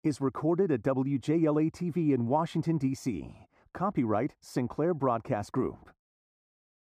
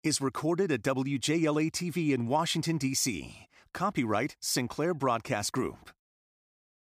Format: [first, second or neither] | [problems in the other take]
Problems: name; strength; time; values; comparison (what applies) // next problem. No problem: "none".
second | muffled; very; fading above 2 kHz